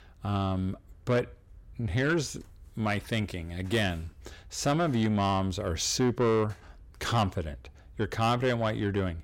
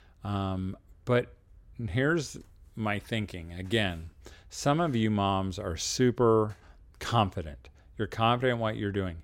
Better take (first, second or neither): second